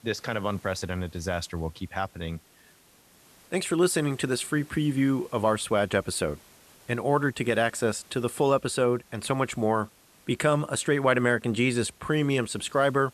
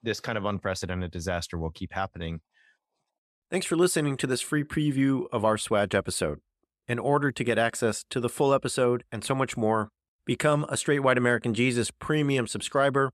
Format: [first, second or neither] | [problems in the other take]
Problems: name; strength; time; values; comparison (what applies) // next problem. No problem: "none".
second | hiss; faint; throughout; 25 dB below the speech